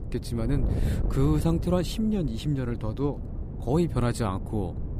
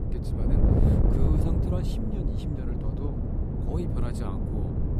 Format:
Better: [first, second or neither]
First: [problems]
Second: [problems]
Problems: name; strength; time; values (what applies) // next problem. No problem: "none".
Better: first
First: wind noise on the microphone; occasional gusts; 10 dB below the speech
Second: wind noise on the microphone; heavy; 5 dB above the speech